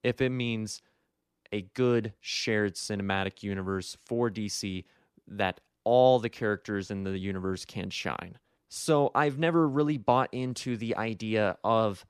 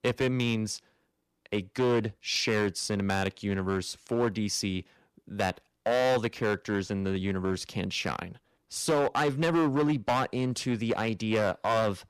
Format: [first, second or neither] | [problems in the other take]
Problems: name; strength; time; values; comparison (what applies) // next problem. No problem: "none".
first | distortion; heavy; 7% of the sound clipped